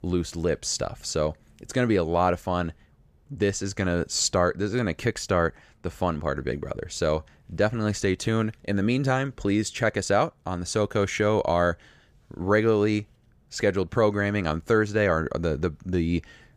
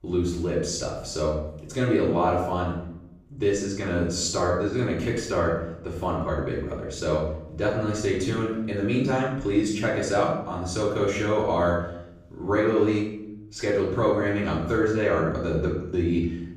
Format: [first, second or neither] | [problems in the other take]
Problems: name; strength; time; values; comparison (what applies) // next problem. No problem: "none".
first | off-mic speech; far // room echo; noticeable; dies away in 0.7 s